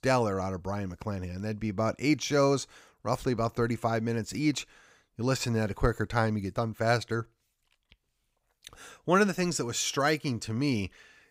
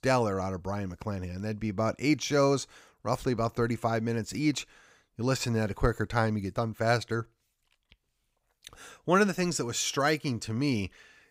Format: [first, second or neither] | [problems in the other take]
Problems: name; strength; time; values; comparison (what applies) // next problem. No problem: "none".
neither | none